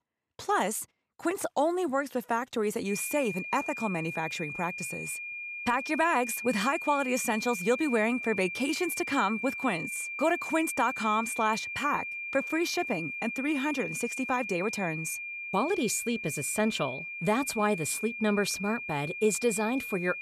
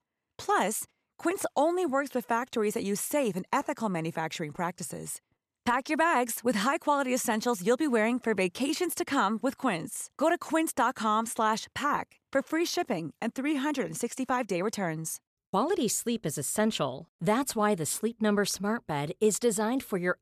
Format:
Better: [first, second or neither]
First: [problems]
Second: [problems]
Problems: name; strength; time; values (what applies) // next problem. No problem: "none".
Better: second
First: high-pitched whine; loud; from 3 s on; 2.5 kHz, 6 dB below the speech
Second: none